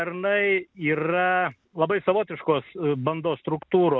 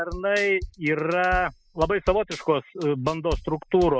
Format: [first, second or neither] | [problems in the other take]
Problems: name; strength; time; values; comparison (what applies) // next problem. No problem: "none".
first | noise reduction (classical method spectral subtraction)